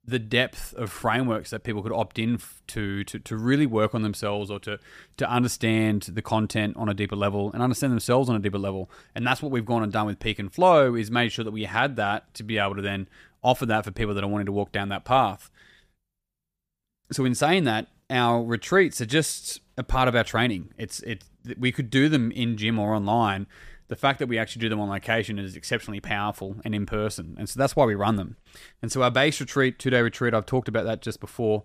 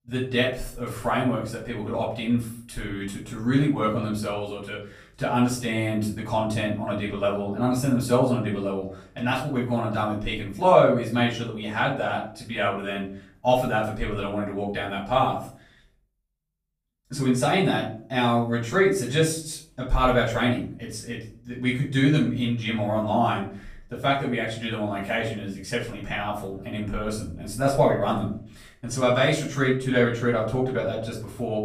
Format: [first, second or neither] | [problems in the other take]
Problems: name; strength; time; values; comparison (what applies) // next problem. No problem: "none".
first | room echo; slight; dies away in 0.4 s // off-mic speech; far